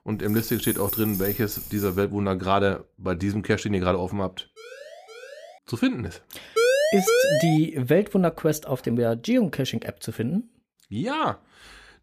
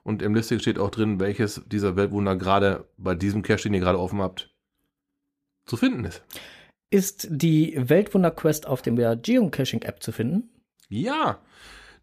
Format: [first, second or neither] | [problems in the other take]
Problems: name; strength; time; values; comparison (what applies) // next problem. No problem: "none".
second | jangling keys; noticeable; until 2 s; peak 2 dB below the speech // siren; faint; from 4.5 to 5.5 s; peak 15 dB below the speech // siren; loud; from 6.5 to 7.5 s; peak 5 dB above the speech